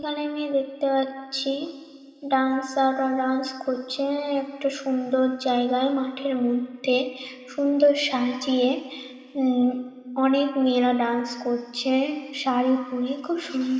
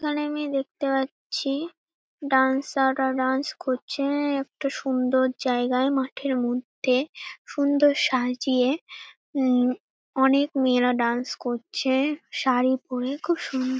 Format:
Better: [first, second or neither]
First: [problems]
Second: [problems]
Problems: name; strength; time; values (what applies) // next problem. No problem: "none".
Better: second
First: room echo; dies away in 2.9 s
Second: none